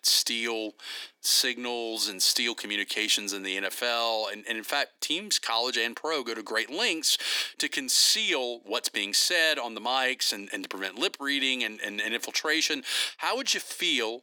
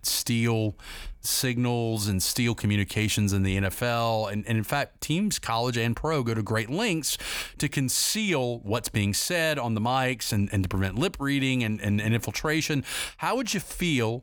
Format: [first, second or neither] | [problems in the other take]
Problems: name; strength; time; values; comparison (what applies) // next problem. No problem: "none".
second | thin; somewhat; fading below 300 Hz